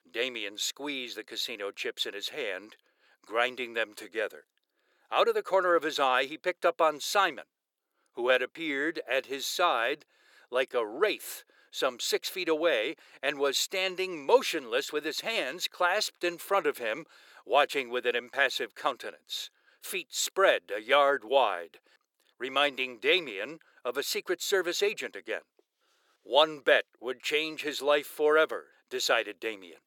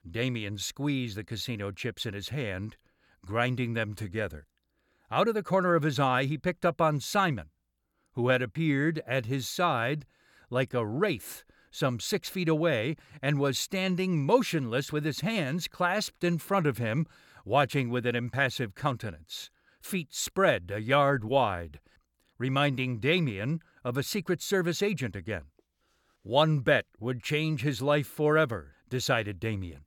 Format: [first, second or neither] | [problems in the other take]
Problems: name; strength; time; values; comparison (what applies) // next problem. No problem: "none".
second | thin; very; fading below 400 Hz